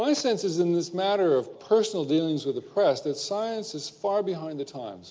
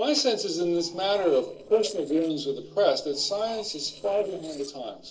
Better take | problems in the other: first | noise reduction (neural separator model SepFormer DNS4)

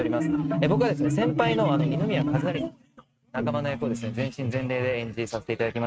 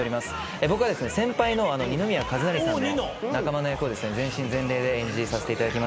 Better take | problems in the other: second | noise reduction (neural mask model RNNoise)

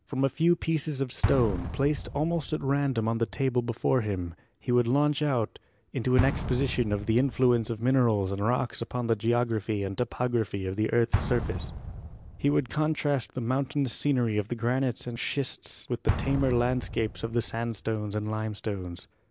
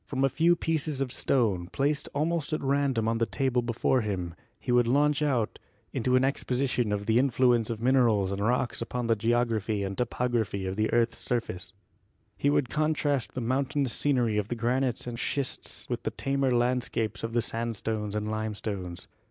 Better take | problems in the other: second | background sound (Explosion); 10 dB below the speech

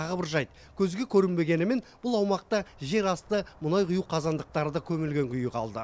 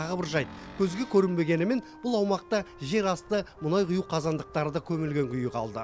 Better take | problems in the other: first | background sound (Cupboard open or close + Wind instrument, woodwind instrument); 19 dB below the speech

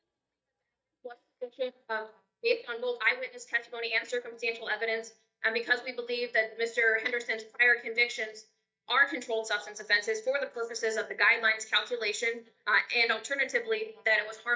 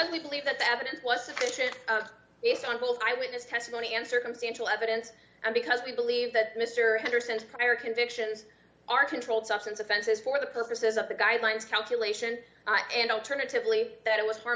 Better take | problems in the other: second | noise reduction (neural mask model DeepFilterNet 3)

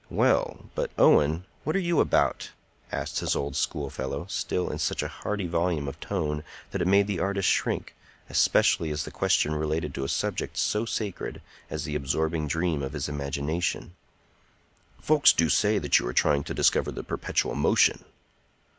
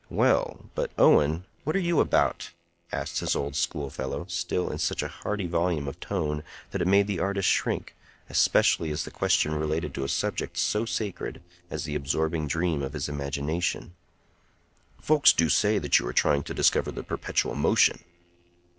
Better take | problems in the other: first | noise reduction (neural separator model SepFormer DNS4)

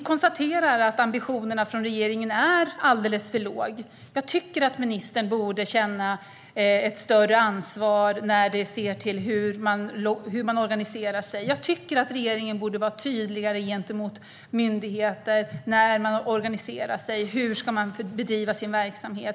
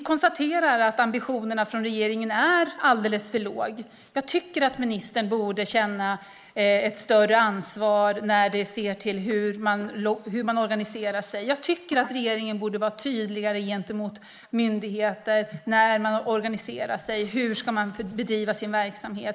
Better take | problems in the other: first | noise reduction (neural mask model Resemble Enhance denoiser)

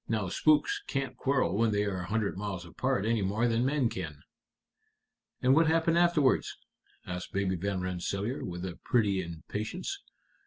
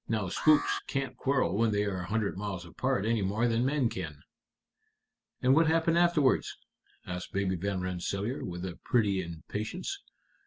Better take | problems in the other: first | background sound (Alarm); 12 dB below the speech

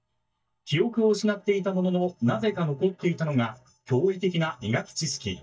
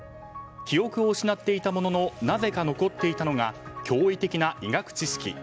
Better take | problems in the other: second | noise reduction (neural mask model DeepFilterNet 3)

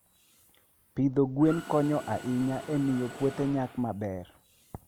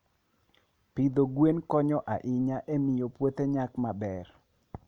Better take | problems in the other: second | background sound (Mechanisms); 17 dB below the speech

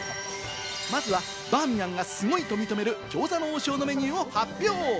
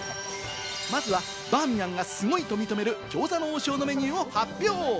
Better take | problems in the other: second | background sound (Frog); 19 dB below the speech

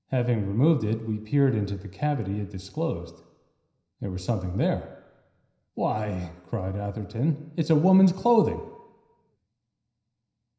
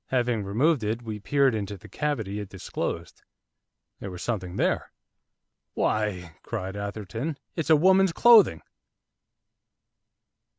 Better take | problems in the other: second | room echo; dies away in 0.9 s

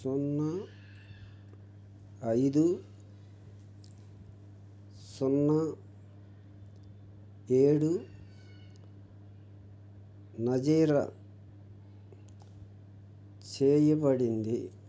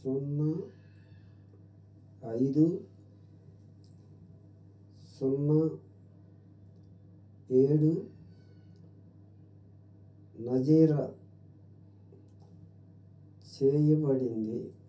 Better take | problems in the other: first | room echo; dies away in 0.3 s

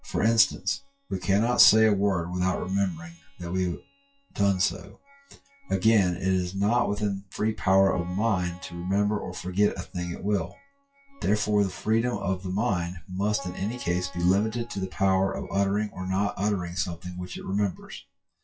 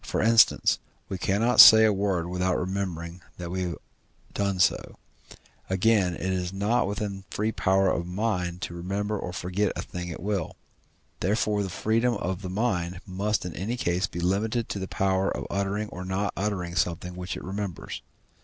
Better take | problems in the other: second | noise reduction (classical method WPE with log-MMSE)

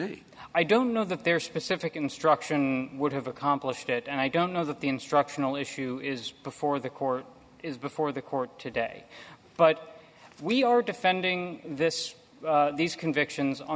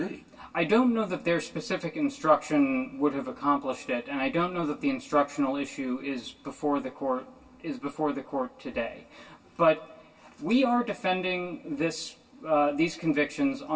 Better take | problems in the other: first | room echo; dies away in 0.1 s

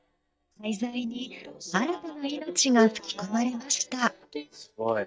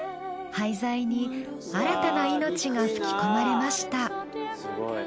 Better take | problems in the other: second | noise reduction (neural mask model DeepFilterNet 3)

